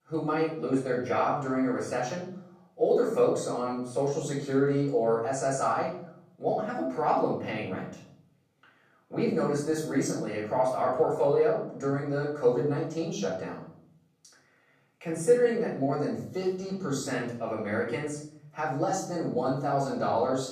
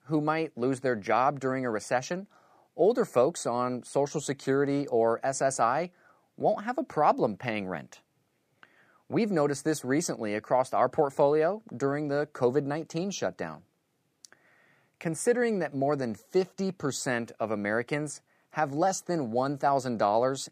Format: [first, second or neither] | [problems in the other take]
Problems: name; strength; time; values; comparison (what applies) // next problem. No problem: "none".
second | room echo; noticeable; dies away in 0.6 s // off-mic speech; far